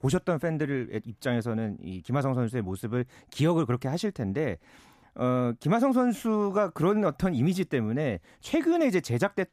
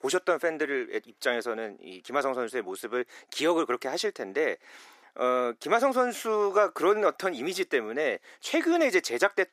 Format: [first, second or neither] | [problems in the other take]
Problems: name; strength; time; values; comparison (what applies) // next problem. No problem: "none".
first | thin; very; fading below 400 Hz